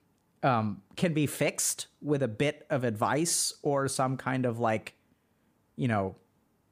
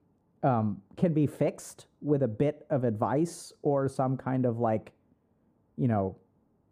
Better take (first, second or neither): first